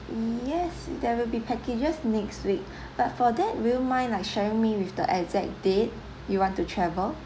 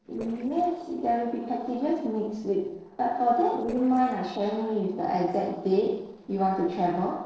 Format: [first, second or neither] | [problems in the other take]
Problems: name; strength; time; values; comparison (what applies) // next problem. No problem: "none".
first | noise reduction (neural separator model SepFormer DNS4)